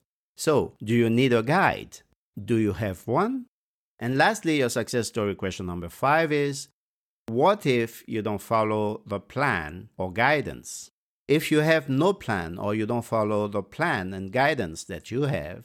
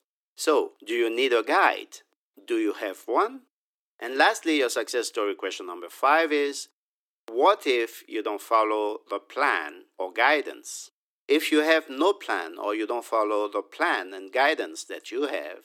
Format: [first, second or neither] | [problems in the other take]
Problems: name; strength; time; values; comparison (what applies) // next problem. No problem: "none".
first | thin; somewhat; fading below 300 Hz